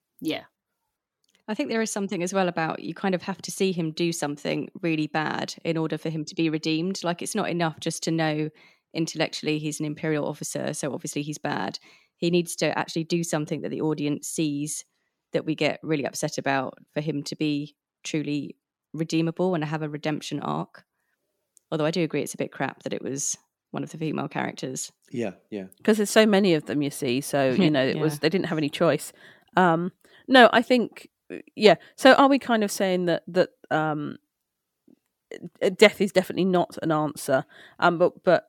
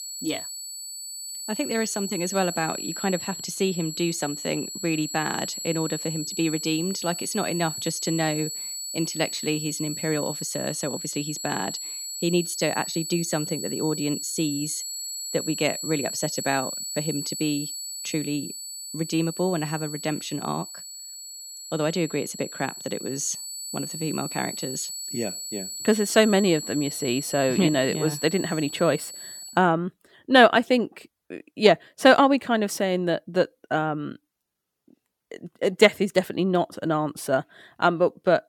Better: first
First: none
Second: high-pitched whine; loud; until 30 s; 8 kHz, 7 dB below the speech

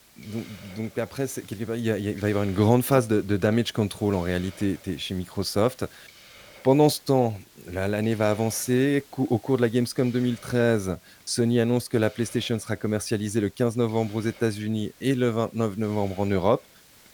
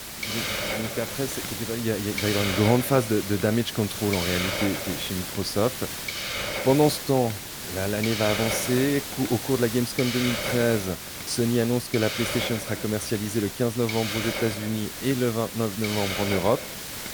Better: first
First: hiss; faint; throughout; 25 dB below the speech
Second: hiss; loud; throughout; 4 dB below the speech

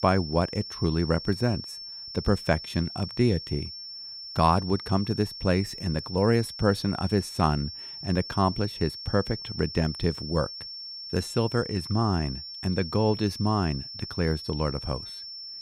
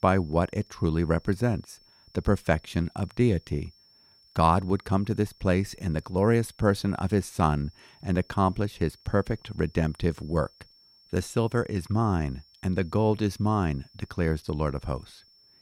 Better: second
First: high-pitched whine; loud; throughout; 5.5 kHz, 9 dB below the speech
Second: high-pitched whine; faint; throughout; 5.5 kHz, 30 dB below the speech

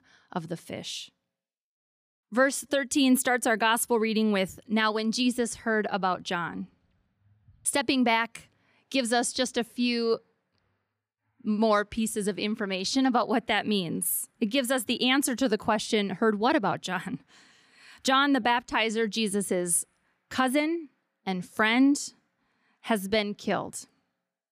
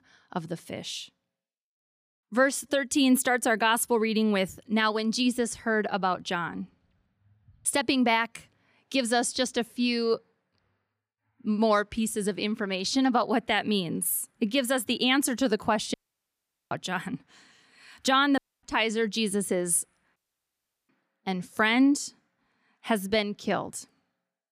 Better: first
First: none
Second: audio cutting out; at 16 s for 1 s, at 18 s and at 20 s for 0.5 s

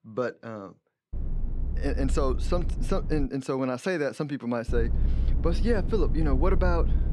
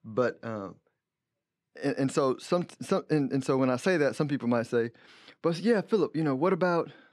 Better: second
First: low rumble; noticeable; from 1 to 3.5 s and from 4.5 s on; 15 dB below the speech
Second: none

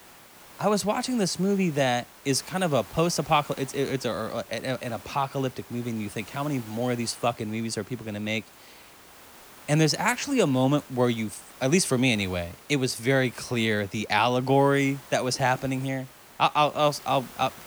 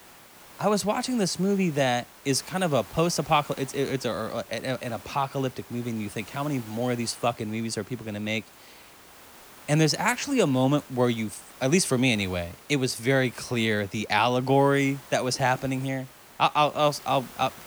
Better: neither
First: hiss; faint; throughout; 20 dB below the speech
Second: hiss; faint; throughout; 20 dB below the speech

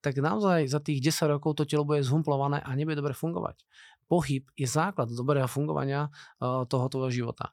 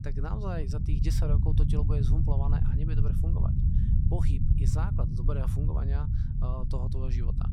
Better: first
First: none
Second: low rumble; loud; throughout; as loud as the speech

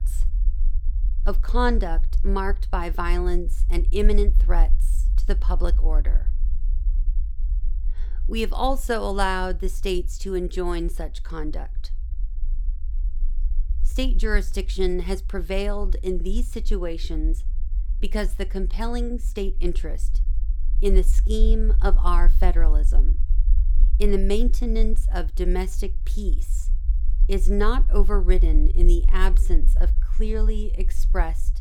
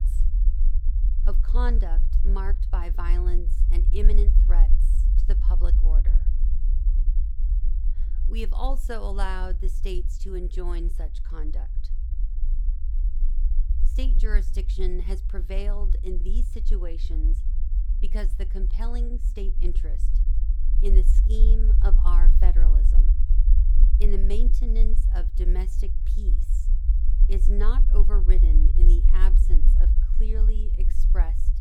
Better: first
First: low rumble; faint; throughout; 20 dB below the speech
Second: low rumble; loud; throughout; 9 dB below the speech

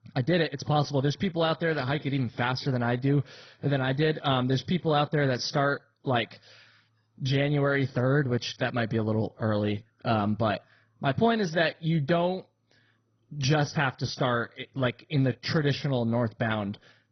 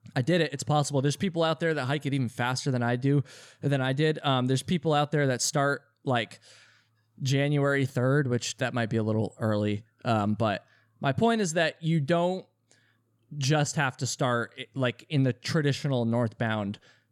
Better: second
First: garbled, watery; badly; nothing above 6 kHz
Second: none

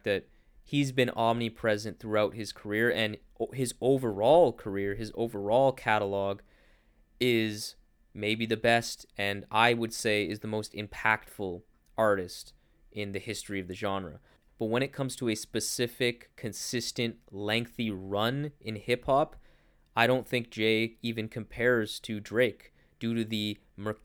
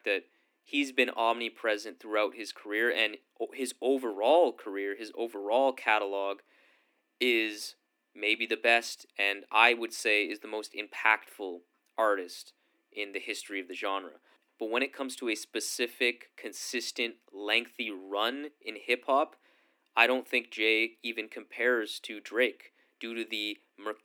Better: first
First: none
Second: thin; very slightly; fading below 250 Hz

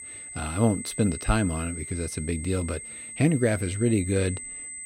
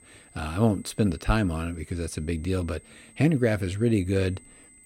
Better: second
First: high-pitched whine; loud; throughout; 8 kHz, 9 dB below the speech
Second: high-pitched whine; faint; throughout; 8 kHz, 25 dB below the speech

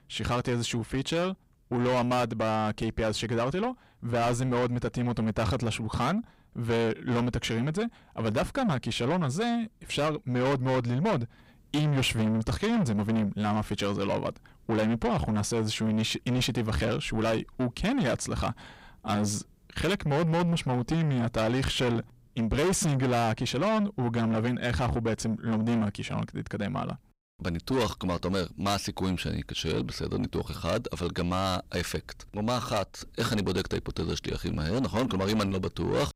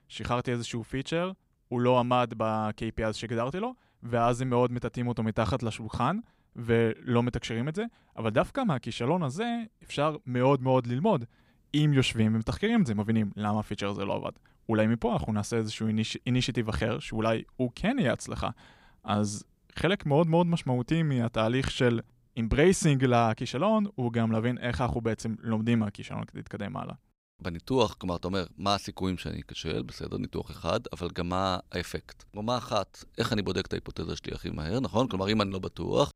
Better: second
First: distortion; heavy; 6 dB below the speech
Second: none

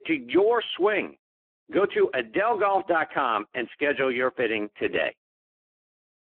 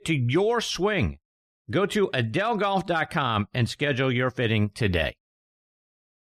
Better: second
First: phone-call audio; poor line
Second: none

